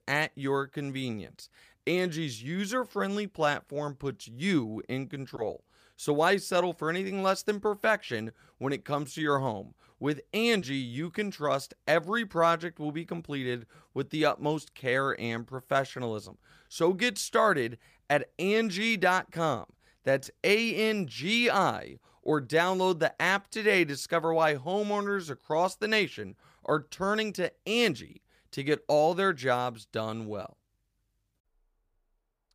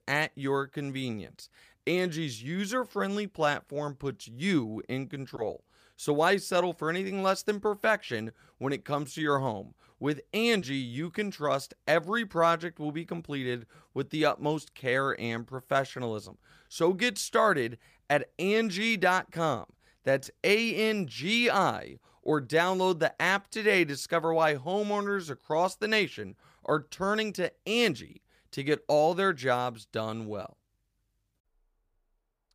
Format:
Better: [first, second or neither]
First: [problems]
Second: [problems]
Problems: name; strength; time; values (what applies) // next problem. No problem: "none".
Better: neither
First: none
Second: none